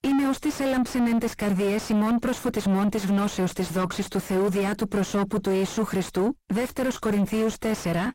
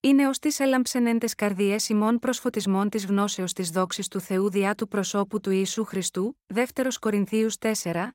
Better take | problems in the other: second | distortion; heavy; 4 dB below the speech

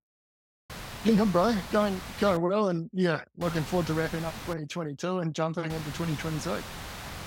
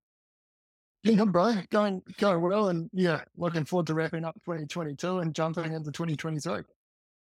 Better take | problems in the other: second | hiss; noticeable; from 0.5 to 2.5 s, from 3.5 to 4.5 s and from 5.5 s on; 10 dB below the speech

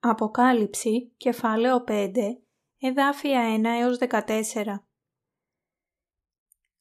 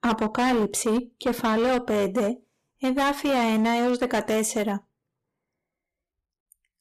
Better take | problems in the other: first | distortion; heavy; 15% of the sound clipped

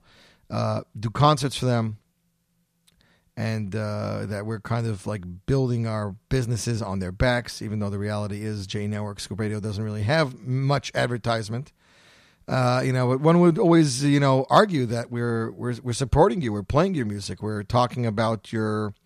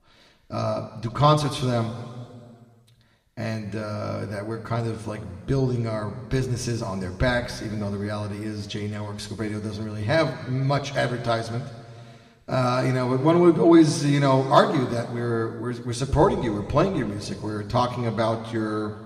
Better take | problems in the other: first | room echo; slight; dies away in 2 s

